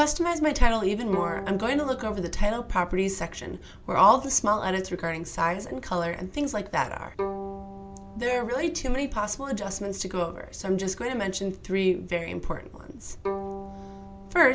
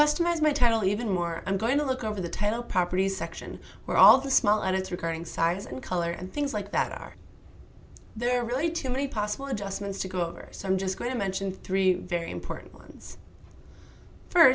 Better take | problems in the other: second | background sound (Bowed string instrument); 14 dB below the speech

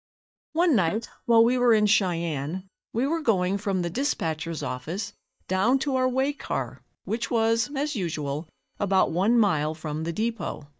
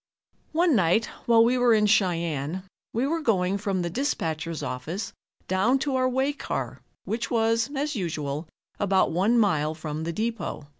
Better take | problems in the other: second | noise reduction (neural mask model DeepFilterNet 3)

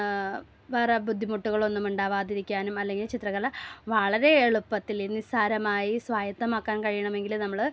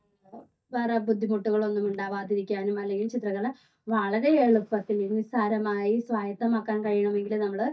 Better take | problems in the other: first | noise reduction (neural mask model DeepFilterNet 3)

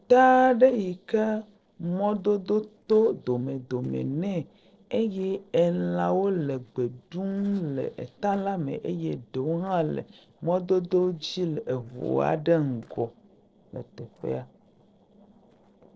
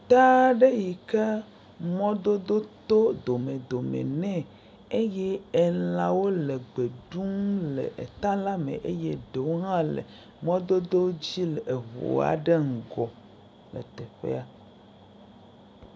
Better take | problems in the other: second | noise reduction (neural separator model SepFormer DNS4)

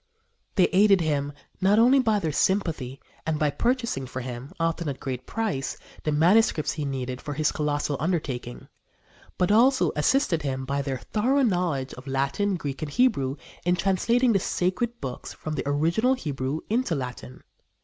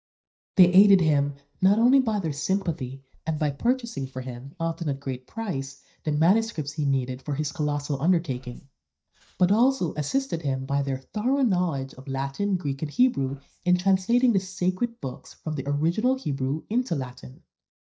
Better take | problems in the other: first | noise reduction (neural mask model DeepFilterNet 3)

